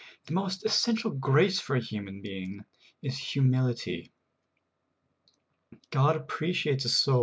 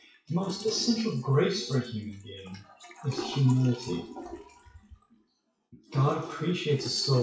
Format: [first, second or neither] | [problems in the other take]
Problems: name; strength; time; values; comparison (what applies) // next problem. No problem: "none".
first | noise reduction (classical method WPE with log-MMSE)